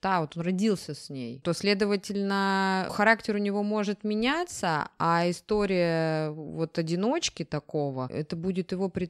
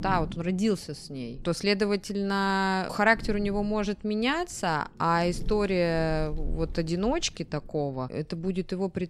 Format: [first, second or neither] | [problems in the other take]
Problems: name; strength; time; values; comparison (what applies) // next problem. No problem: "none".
first | wind noise on the microphone; occasional gusts; 25 dB below the speech